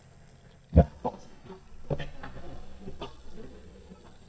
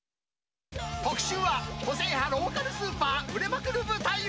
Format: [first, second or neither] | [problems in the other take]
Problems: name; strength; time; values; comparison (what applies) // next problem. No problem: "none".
second | noise reduction (neural mask model DeepFilterNet 3)